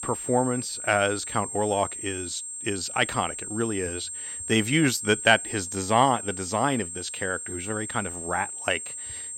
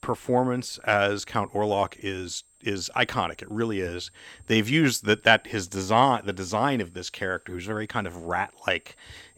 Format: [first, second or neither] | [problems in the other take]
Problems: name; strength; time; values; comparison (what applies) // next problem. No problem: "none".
second | high-pitched whine; loud; throughout; 8 kHz, 7 dB below the speech; faint in the second